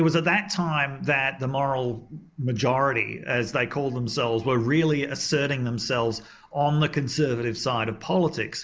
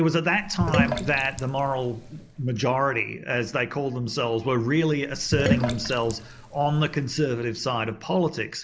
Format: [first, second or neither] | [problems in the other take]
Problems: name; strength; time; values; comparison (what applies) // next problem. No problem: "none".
first | background sound (Sink (filling or washing)); 4 dB below the speech